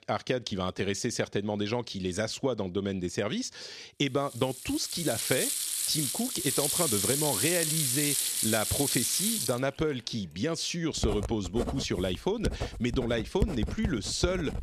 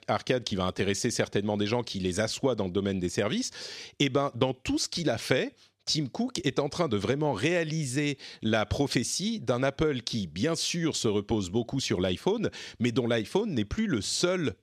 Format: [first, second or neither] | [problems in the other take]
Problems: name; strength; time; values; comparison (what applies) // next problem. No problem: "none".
second | household noises; very loud; from 5 s on; 1 dB above the speech